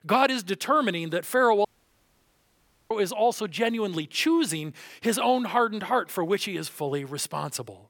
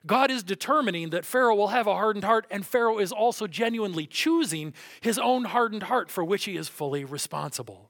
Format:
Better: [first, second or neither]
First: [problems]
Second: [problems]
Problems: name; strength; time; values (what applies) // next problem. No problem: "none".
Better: second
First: audio cutting out; at 1.5 s for 1.5 s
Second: none